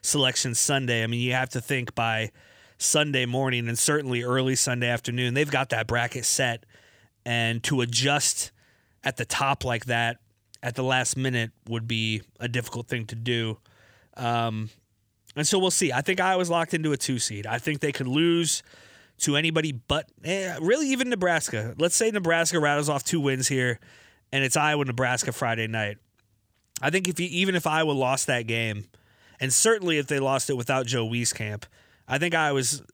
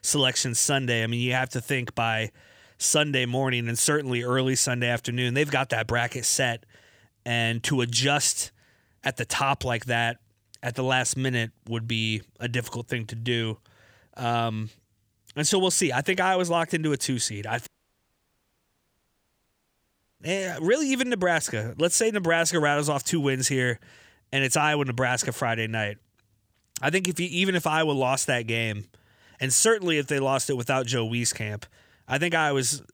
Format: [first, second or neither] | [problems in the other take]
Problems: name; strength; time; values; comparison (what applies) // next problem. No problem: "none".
first | audio cutting out; at 18 s for 2.5 s